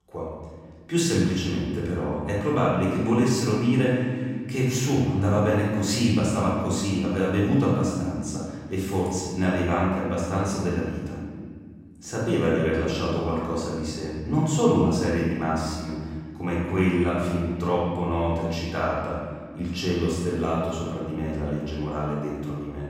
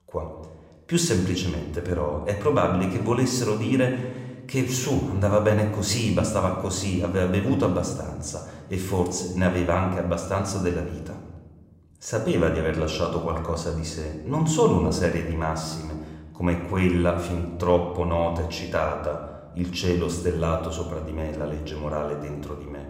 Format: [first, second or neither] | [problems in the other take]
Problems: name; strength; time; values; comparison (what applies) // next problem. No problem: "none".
second | room echo; strong; dies away in 2.1 s; slight in the second // off-mic speech; far